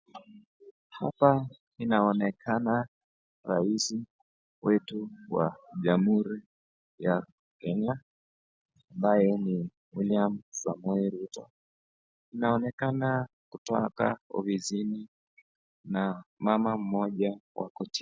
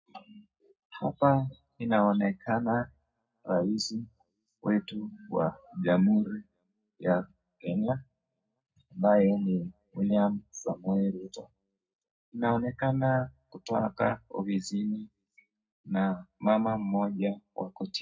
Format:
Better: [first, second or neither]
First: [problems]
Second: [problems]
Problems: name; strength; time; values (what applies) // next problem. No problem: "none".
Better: first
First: none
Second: room echo; dies away in 0.3 s